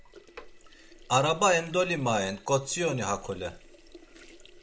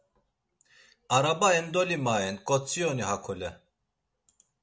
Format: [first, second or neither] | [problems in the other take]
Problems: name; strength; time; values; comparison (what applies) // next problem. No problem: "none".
second | background sound (Sink (filling or washing)); 20 dB below the speech